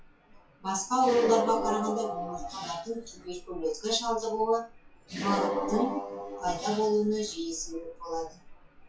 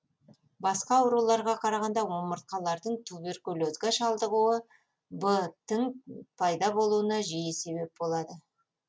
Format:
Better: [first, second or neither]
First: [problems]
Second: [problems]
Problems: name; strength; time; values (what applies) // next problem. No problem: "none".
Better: second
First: noise reduction (classical method WPE with log-MMSE)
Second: none